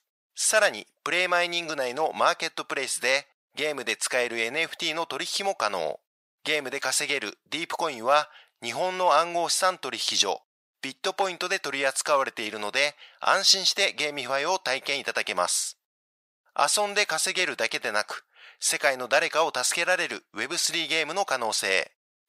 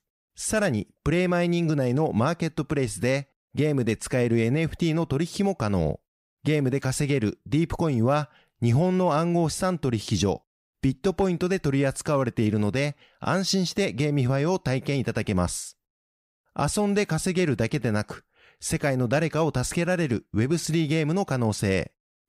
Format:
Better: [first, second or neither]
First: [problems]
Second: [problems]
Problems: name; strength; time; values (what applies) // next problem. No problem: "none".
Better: second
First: thin; very; fading below 950 Hz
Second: none